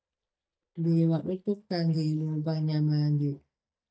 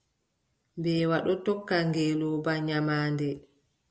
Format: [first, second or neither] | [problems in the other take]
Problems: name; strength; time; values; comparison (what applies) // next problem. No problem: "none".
second | noise reduction (neural mask model DeepFilterNet 3)